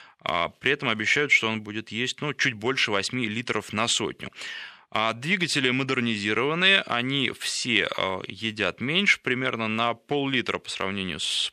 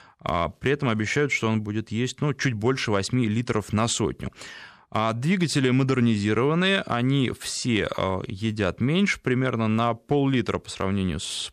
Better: second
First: thin; very slightly; fading below 650 Hz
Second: none

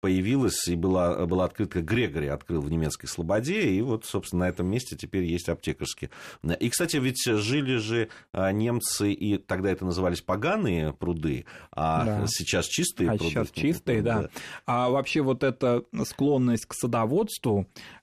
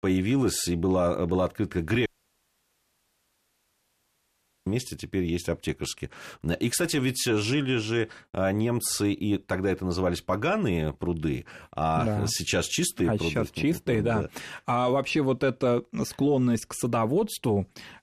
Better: first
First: none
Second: audio cutting out; at 2 s for 2.5 s

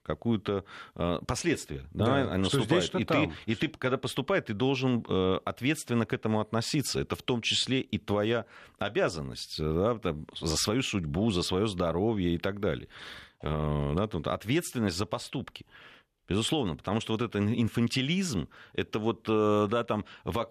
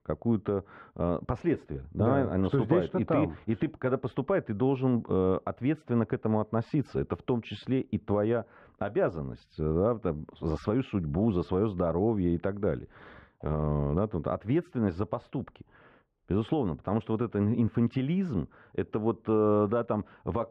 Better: first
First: none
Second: muffled; very; fading above 3.5 kHz

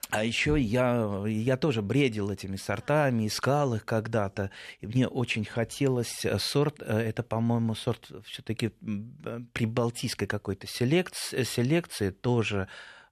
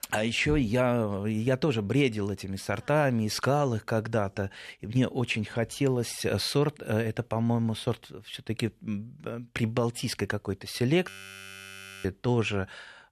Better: first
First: none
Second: audio freezing; at 11 s for 1 s

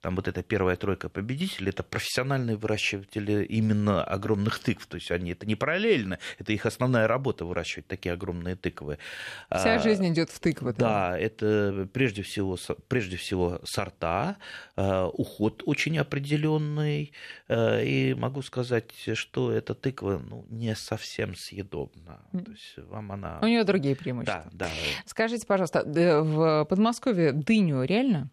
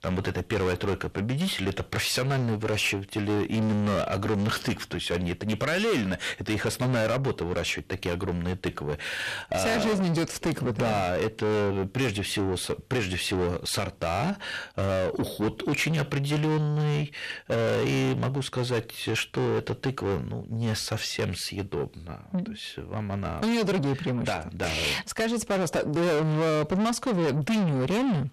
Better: first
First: none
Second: distortion; heavy; 6 dB below the speech

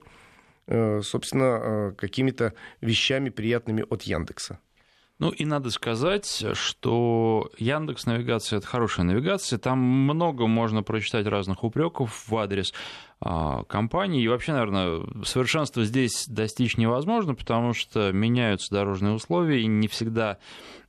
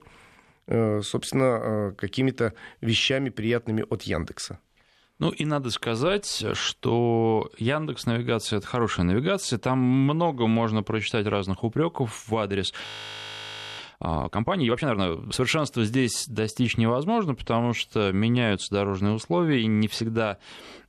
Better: first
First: none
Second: audio freezing; at 13 s for 1 s

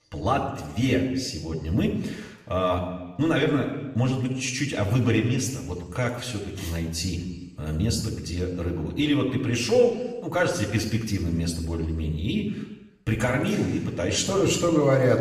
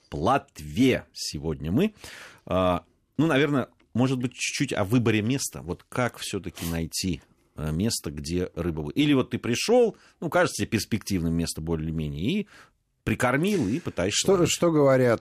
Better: second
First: room echo; noticeable; dies away in 1.1 s // off-mic speech; somewhat distant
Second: none

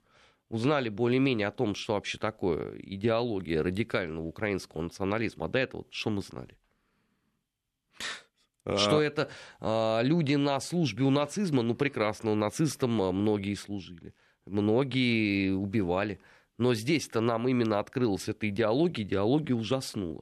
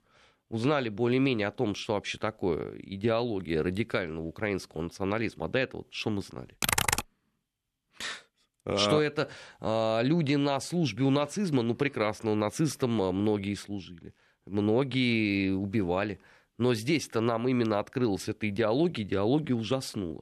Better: first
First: none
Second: keyboard typing; loud; at 6.5 s; peak 4 dB above the speech

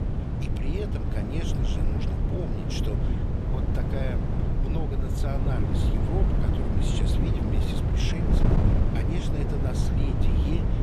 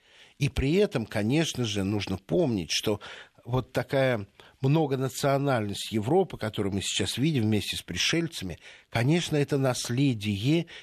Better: second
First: wind noise on the microphone; heavy; 3 dB above the speech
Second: none

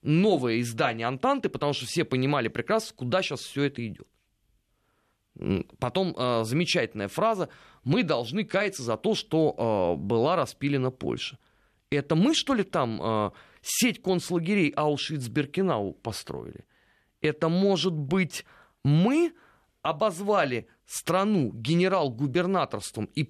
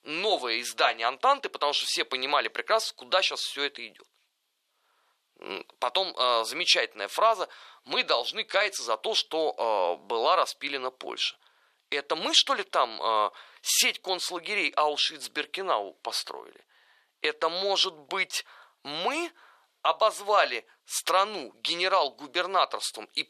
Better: first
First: none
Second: thin; very; fading below 550 Hz

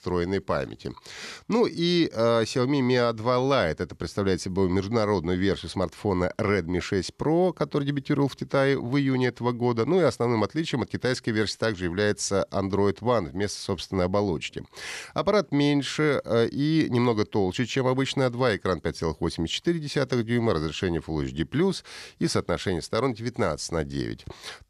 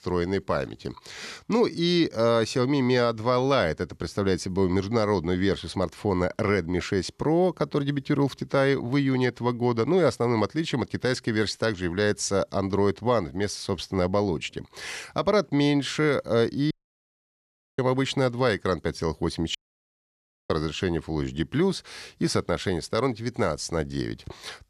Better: first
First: none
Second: audio cutting out; at 17 s for 1 s and at 20 s for 1 s

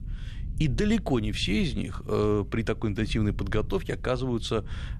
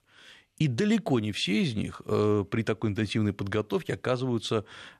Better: second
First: low rumble; faint; throughout; 20 dB below the speech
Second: none

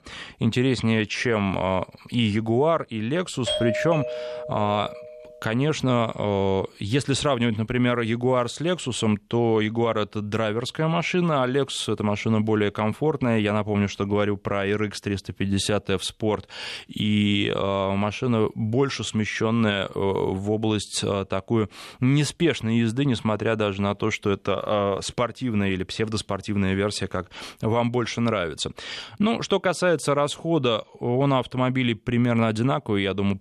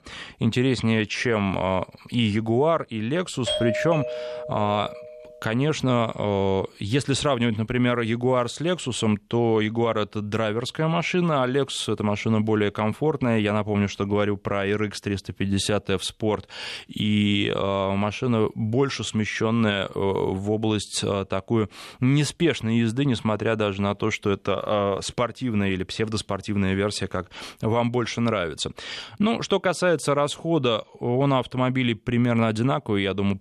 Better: neither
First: doorbell; noticeable; from 3.5 to 5 s; peak 1 dB below the speech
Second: doorbell; noticeable; from 3.5 to 5 s; peak 1 dB below the speech

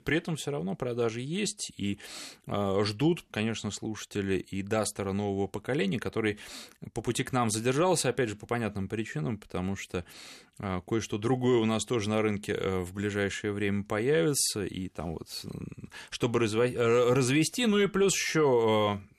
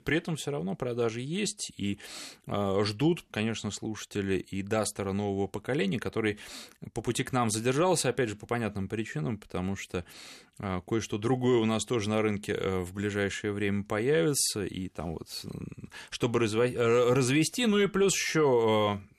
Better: neither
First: none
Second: none

